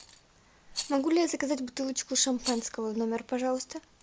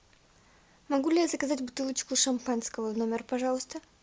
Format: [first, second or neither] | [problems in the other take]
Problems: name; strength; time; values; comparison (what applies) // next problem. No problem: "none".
second | background sound (Rattle); 14 dB below the speech